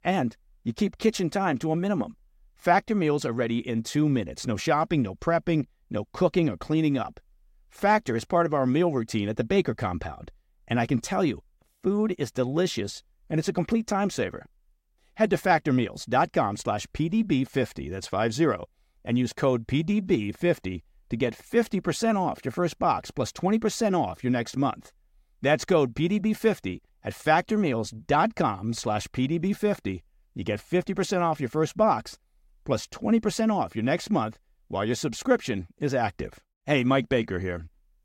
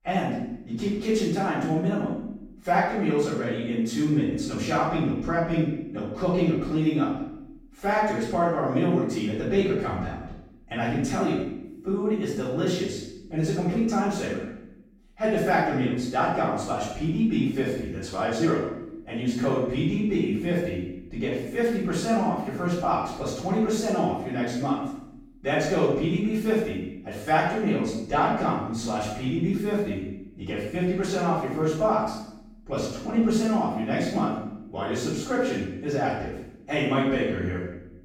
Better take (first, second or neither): first